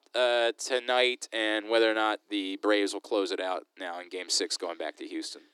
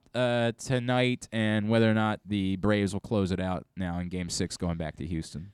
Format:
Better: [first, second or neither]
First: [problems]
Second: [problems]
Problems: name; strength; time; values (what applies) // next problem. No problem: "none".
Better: second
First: thin; very; fading below 300 Hz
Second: none